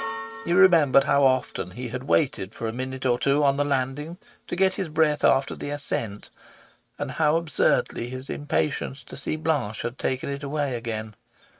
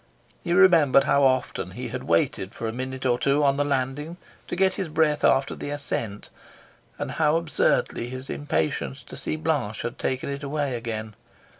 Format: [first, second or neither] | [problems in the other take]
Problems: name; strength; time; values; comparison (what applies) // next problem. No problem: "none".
second | noise reduction (neural mask model RNNoise)